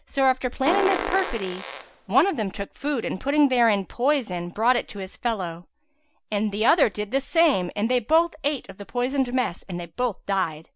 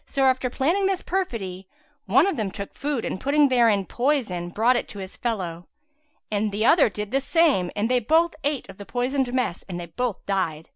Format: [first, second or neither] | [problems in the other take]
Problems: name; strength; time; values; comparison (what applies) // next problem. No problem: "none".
second | background sound (Fart); 6 dB below the speech